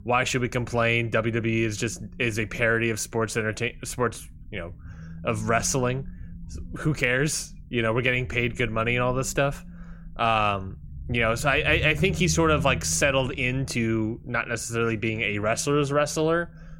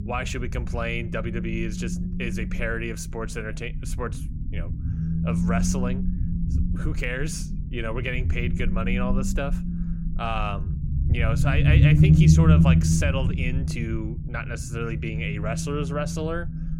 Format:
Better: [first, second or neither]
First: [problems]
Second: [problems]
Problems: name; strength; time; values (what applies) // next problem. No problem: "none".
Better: first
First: low rumble; faint; throughout; 25 dB below the speech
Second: low rumble; loud; throughout; 4 dB below the speech